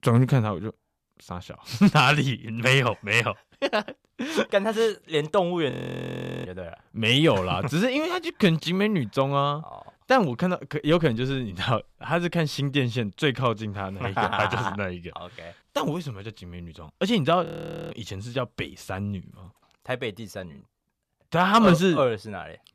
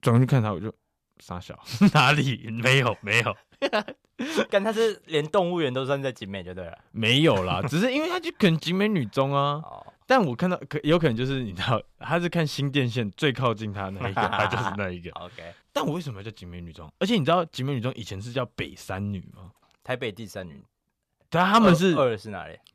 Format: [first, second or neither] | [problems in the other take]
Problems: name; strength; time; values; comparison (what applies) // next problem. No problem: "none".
second | audio freezing; at 5.5 s for 0.5 s and at 17 s